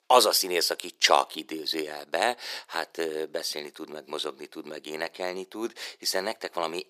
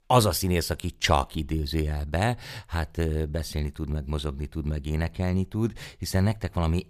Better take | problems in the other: second | thin; very; fading below 350 Hz

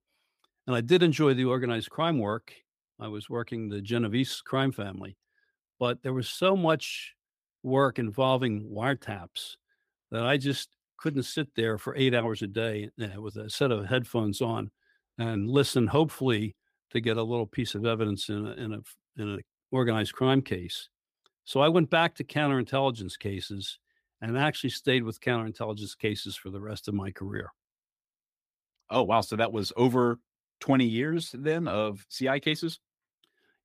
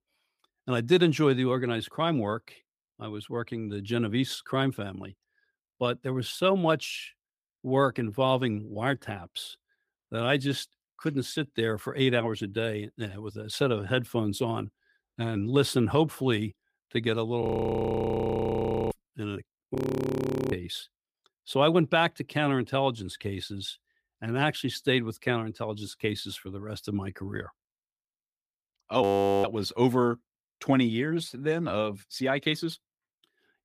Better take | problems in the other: first | audio freezing; at 17 s for 1.5 s, at 20 s for 1 s and at 29 s

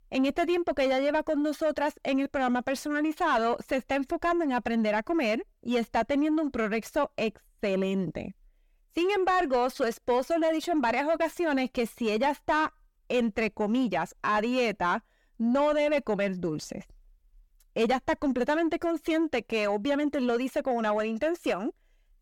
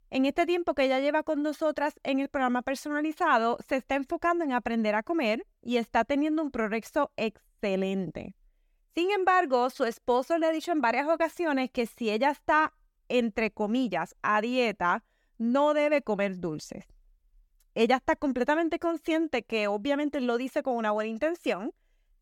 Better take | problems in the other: second | distortion; slight; 10 dB below the speech

